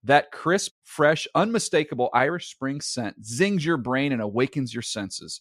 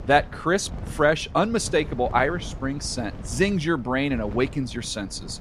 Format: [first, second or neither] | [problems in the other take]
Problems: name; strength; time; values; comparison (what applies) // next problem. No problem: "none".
first | wind noise on the microphone; occasional gusts; 20 dB below the speech